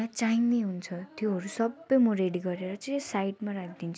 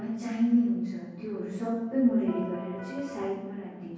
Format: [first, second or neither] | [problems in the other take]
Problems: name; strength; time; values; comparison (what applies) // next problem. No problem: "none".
first | background sound (Electric guitar); 13 dB below the speech // room echo; dies away in 1.3 s